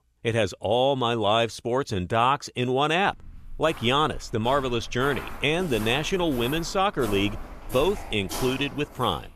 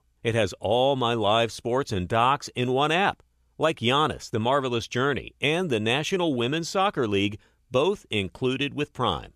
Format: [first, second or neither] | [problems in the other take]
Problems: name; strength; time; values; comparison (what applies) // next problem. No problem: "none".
second | footsteps; noticeable; from 3 s on; peak 8 dB below the speech